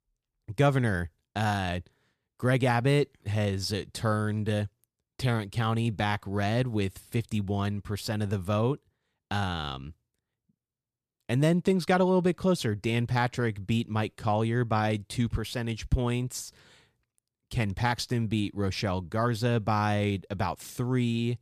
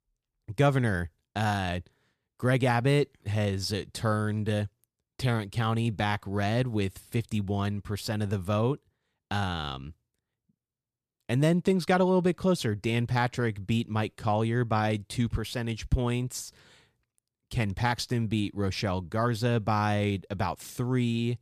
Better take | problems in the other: neither | none

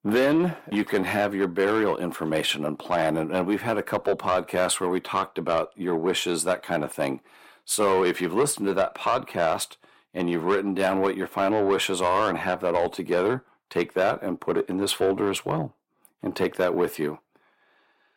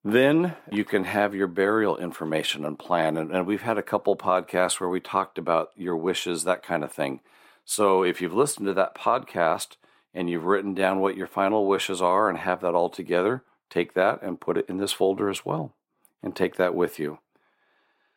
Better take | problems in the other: second | distortion; slight; 10 dB below the speech

